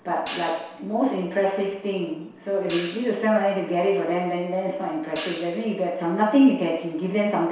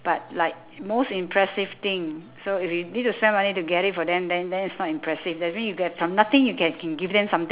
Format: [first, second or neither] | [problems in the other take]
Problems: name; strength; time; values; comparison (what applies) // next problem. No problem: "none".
second | background sound (Hi-hat); 18 dB below the speech // room echo; dies away in 0.7 s